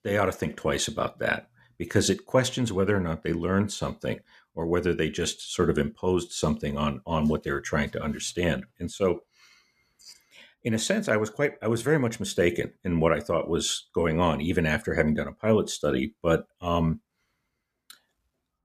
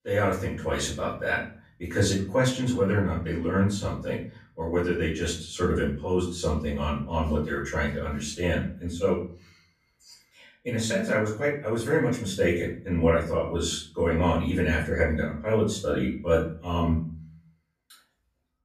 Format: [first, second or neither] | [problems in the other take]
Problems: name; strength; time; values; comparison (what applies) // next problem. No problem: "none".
first | off-mic speech; far // room echo; slight; dies away in 0.4 s